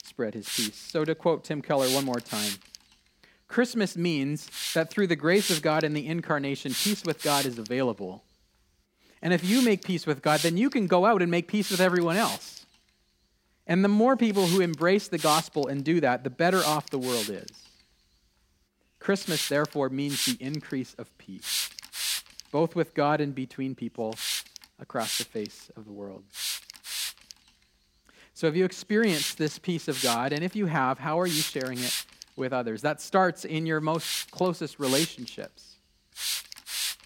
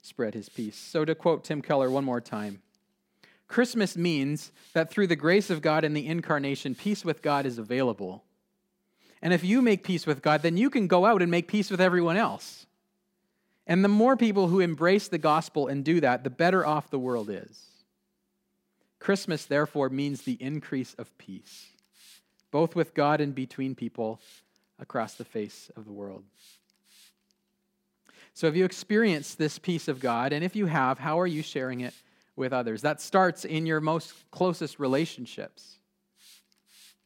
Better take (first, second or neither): second